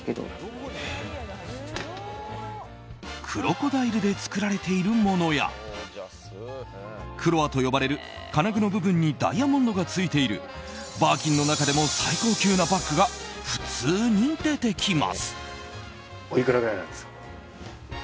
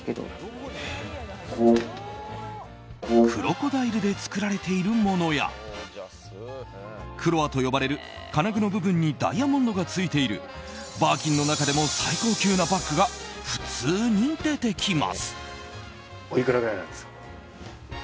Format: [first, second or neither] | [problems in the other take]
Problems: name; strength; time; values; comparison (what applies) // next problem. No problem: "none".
first | background sound (Brass instrument); 1 dB above the speech